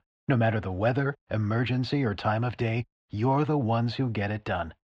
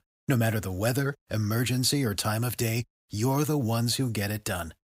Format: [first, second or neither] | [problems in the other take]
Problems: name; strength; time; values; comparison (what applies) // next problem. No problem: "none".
second | muffled; very; fading above 3 kHz